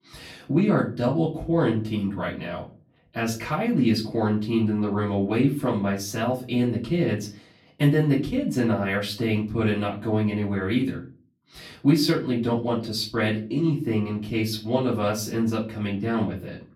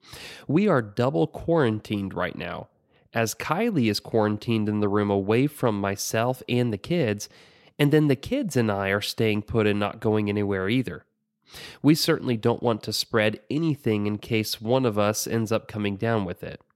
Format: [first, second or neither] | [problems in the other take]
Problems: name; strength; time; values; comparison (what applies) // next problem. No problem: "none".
second | off-mic speech; far // room echo; slight; dies away in 0.4 s